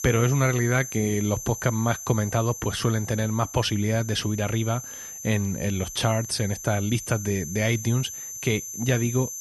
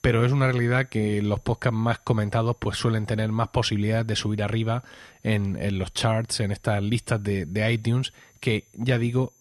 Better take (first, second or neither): second